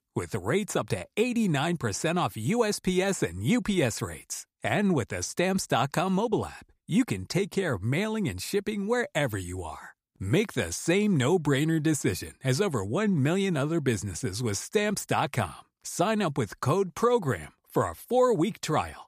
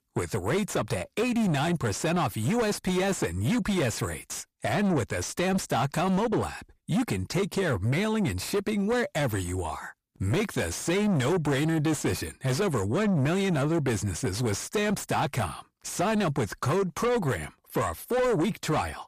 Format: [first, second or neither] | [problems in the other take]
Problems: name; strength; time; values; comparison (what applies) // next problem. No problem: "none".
first | distortion; heavy; 8 dB below the speech